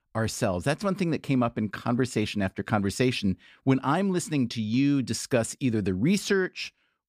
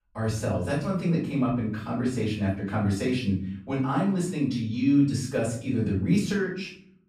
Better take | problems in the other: first | off-mic speech; far // room echo; noticeable; dies away in 0.6 s

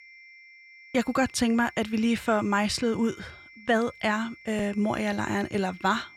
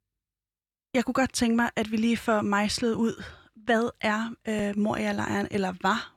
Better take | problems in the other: second | high-pitched whine; faint; throughout; 2 kHz, 20 dB below the speech

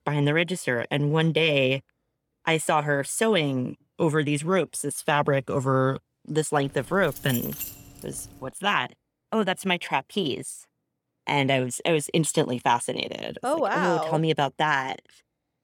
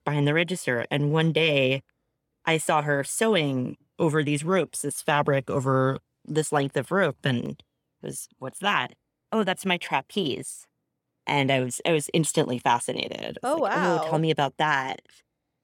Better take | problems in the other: second | jangling keys; noticeable; from 6.5 to 8.5 s; peak 7 dB below the speech

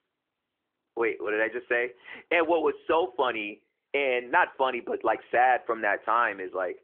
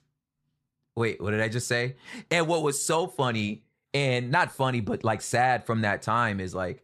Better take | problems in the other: second | phone-call audio; nothing above 3.5 kHz

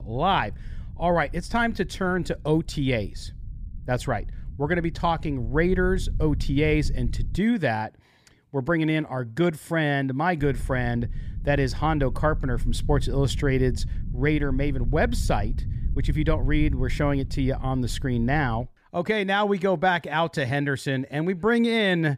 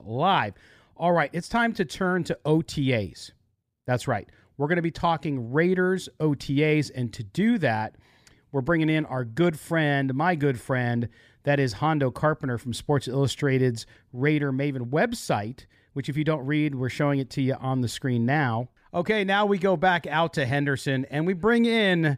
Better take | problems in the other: second | low rumble; faint; until 7.5 s and from 10 to 19 s; 25 dB below the speech

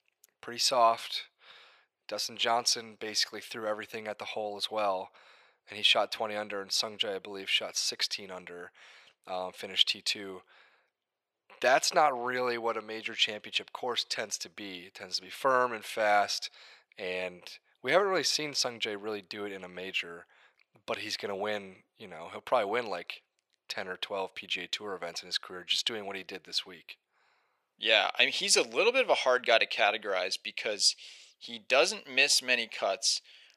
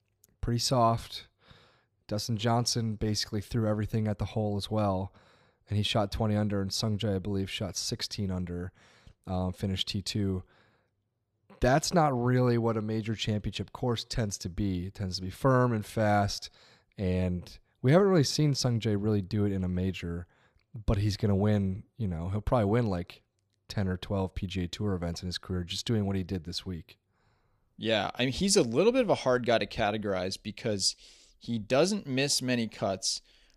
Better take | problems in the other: second | thin; very; fading below 650 Hz

